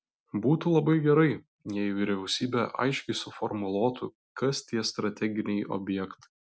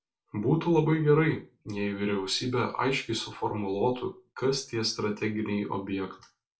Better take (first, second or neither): first